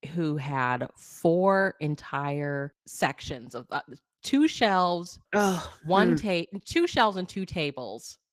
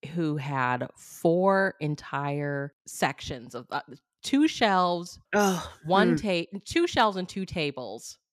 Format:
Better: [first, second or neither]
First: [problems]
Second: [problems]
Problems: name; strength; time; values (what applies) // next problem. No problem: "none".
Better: second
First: garbled, watery; slightly; nothing above 15 kHz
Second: none